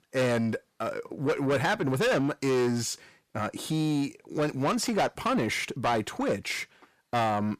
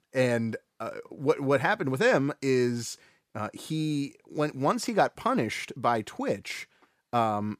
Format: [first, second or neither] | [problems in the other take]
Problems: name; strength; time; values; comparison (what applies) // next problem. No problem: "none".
second | distortion; heavy; 8 dB below the speech